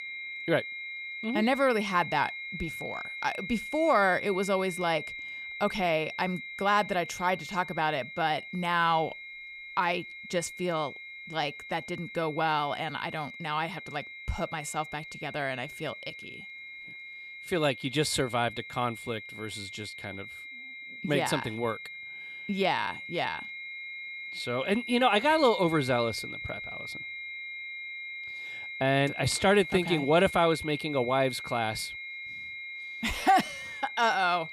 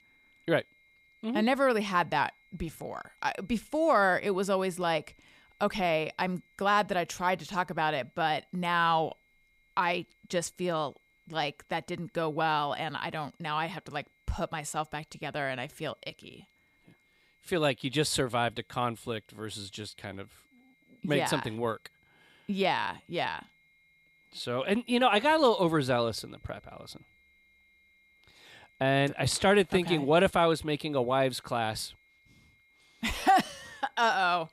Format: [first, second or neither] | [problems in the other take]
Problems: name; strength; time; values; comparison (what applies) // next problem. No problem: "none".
second | high-pitched whine; loud; throughout; 2 kHz, 10 dB below the speech; faint in the second